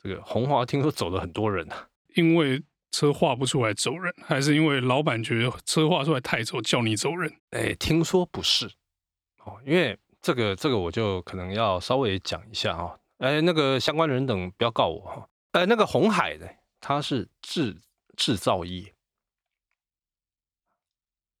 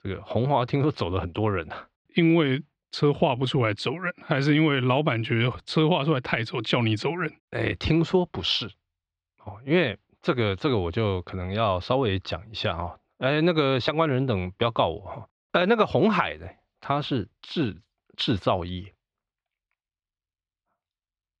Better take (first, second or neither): first